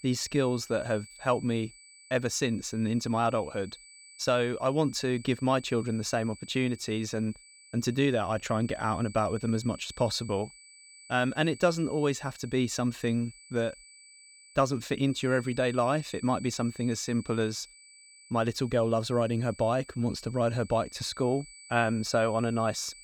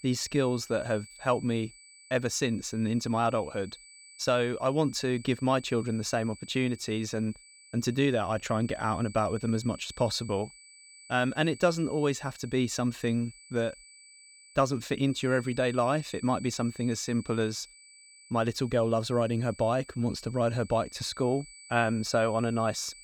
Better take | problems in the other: neither | high-pitched whine; noticeable; throughout; 2.5 kHz, 20 dB below the speech; the same in both

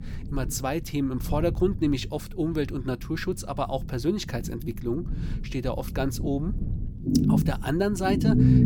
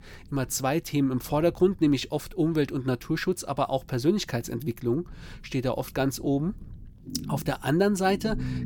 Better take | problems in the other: second | low rumble; loud; throughout; 4 dB below the speech; faint in the second

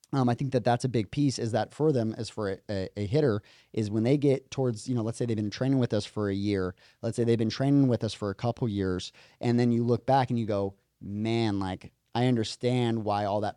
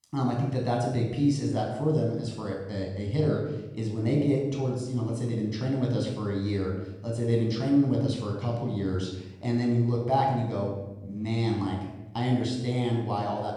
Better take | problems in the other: first | off-mic speech; somewhat distant // room echo; noticeable; dies away in 0.9 s

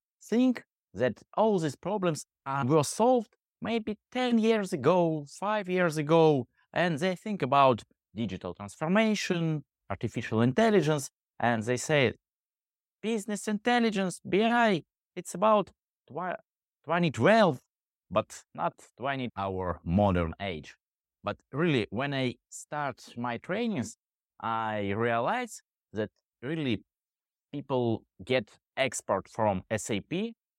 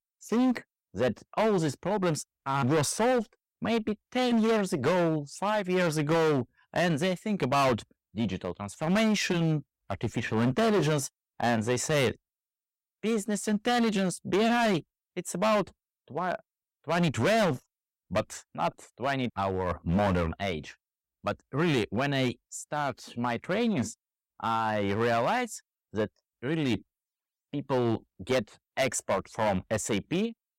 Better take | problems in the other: first | distortion; heavy; 10% of the sound clipped

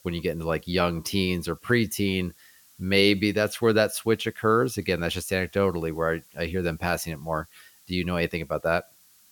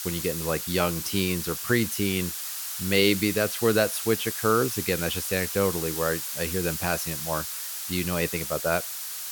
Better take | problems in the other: first | hiss; loud; throughout; 4 dB below the speech; faint in the first

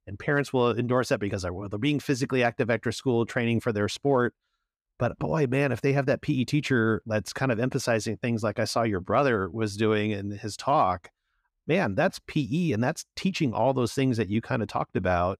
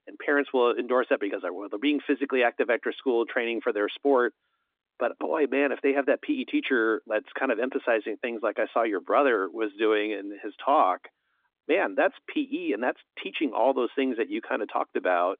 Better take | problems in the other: first | phone-call audio

